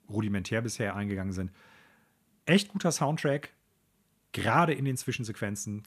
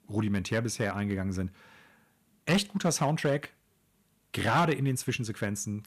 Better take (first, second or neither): first